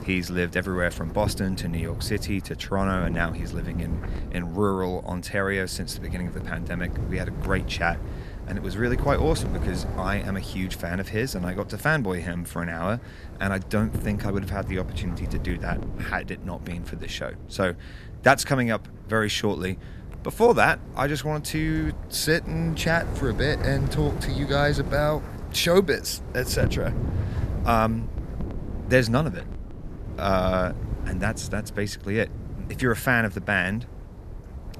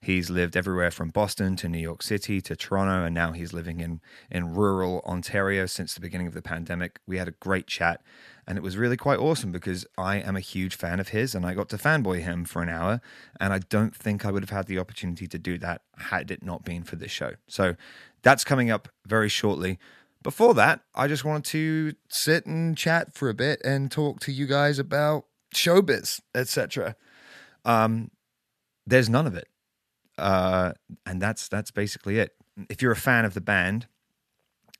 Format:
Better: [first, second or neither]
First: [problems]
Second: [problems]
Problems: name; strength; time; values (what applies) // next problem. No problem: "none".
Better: second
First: wind noise on the microphone; occasional gusts; 15 dB below the speech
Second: none